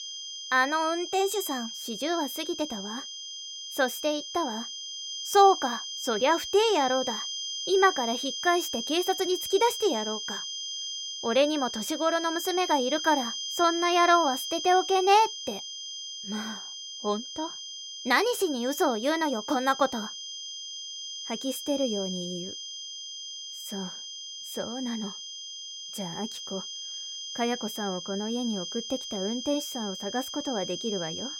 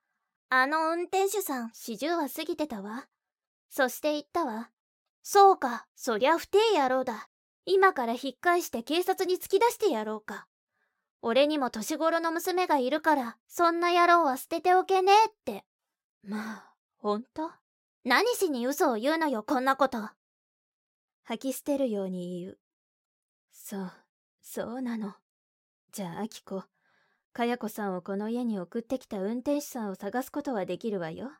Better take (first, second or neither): second